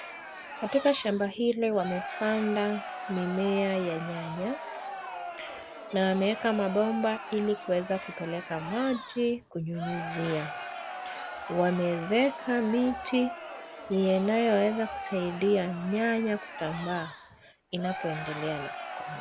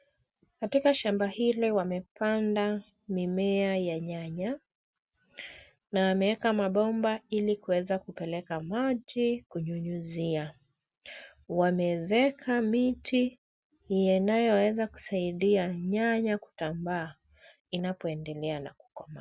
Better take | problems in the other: second | background sound (Crowd); 10 dB below the speech

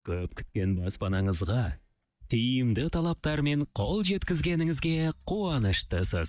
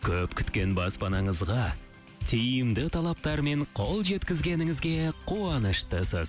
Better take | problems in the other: second | noise reduction (neural mask model DeepFilterNet 3)

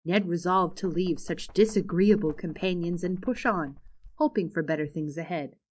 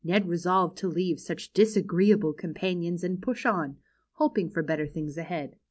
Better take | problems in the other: second | noise reduction (neural mask model DeepFilterNet 3)

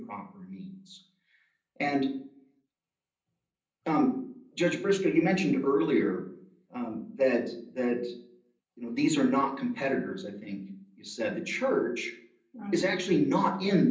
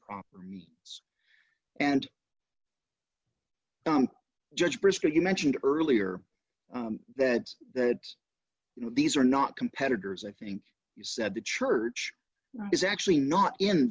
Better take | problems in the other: second | room echo; dies away in 0.6 s

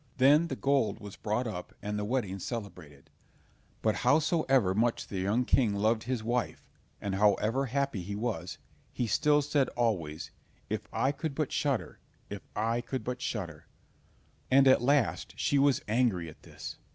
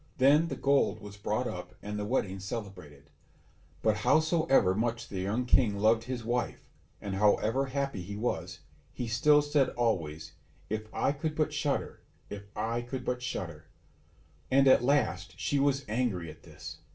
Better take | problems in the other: first | room echo; dies away in 0.2 s

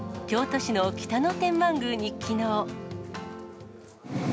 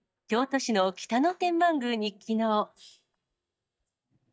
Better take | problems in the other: first | noise reduction (neural mask model DeepFilterNet 3)

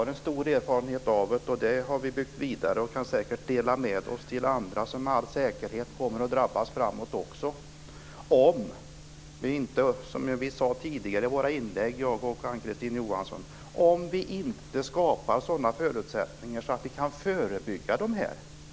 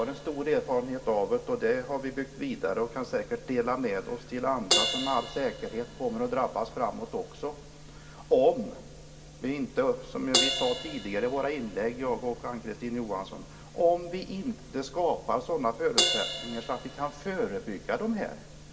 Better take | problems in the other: first | background sound (Crash cymbal); 7 dB below the speech // room echo; dies away in 2.1 s

